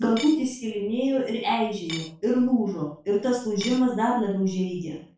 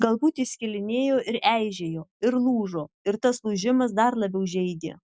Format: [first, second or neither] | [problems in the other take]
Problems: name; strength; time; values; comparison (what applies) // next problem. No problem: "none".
second | background sound (Cutlery, silverware / Dishes, pots, and pans); 14 dB below the speech // room echo; dies away in 0.4 s